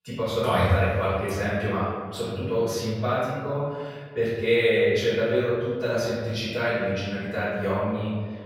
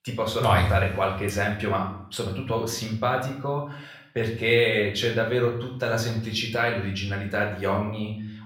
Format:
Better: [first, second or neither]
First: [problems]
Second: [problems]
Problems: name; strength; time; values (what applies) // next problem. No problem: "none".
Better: second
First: room echo; strong; dies away in 1.6 s // off-mic speech; far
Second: room echo; slight; dies away in 0.6 s // off-mic speech; somewhat distant